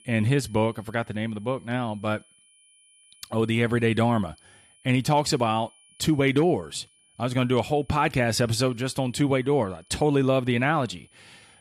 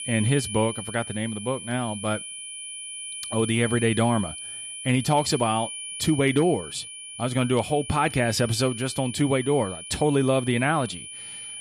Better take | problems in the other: first | high-pitched whine; loud; throughout; 10 kHz, 9 dB below the speech; faint in the first

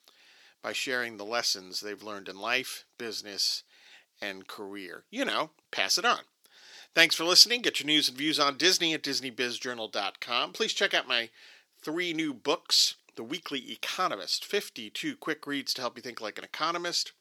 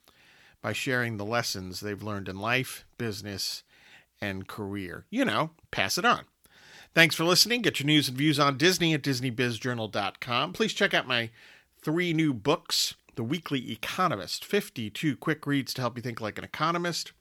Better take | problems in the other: second | thin; somewhat; fading below 350 Hz

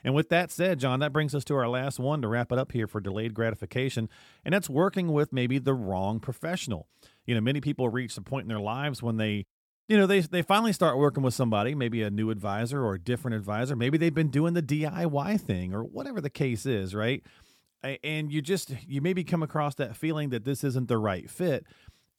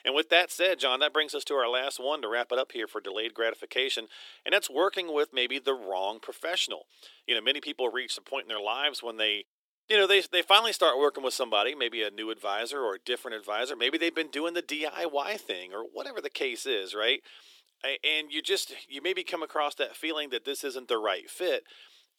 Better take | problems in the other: first | thin; very; fading below 350 Hz

